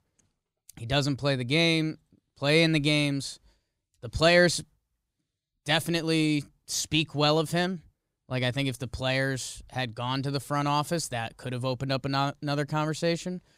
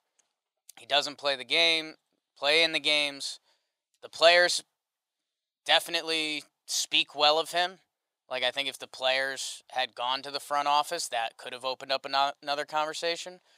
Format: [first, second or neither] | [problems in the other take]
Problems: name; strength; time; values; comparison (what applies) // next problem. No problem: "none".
first | thin; very; fading below 700 Hz